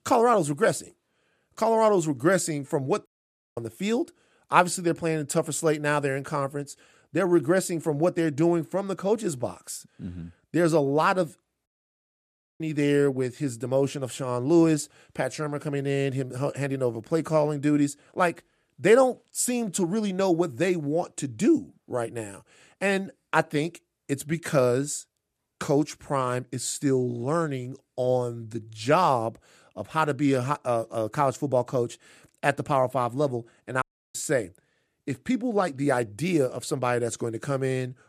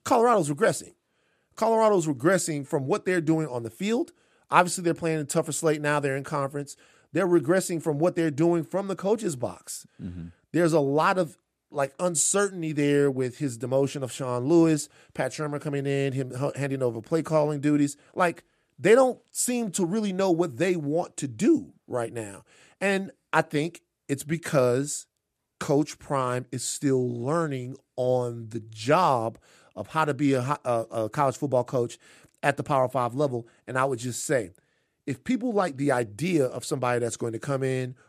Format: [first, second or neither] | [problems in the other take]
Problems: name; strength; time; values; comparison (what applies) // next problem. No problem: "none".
second | audio cutting out; at 3 s for 0.5 s, at 12 s for 1 s and at 34 s